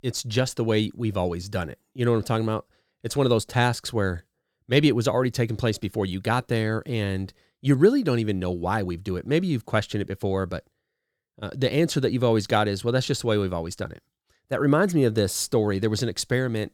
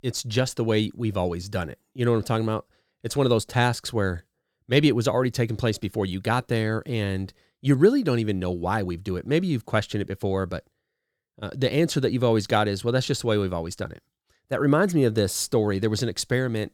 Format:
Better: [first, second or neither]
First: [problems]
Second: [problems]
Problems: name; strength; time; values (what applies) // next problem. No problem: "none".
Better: neither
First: none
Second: none